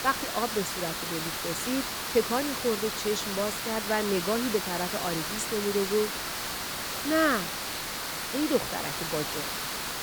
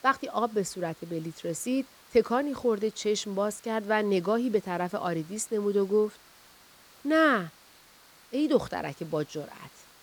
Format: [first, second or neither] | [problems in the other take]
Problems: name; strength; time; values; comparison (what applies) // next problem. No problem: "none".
second | hiss; loud; throughout; 1 dB below the speech; faint in the second